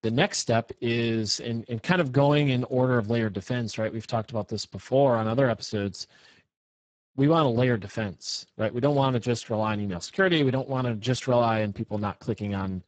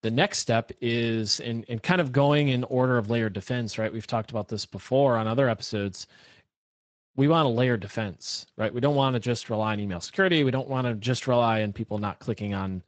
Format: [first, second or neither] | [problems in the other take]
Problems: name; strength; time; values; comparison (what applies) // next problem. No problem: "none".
second | garbled, watery; badly; nothing above 7.5 kHz; slightly in the second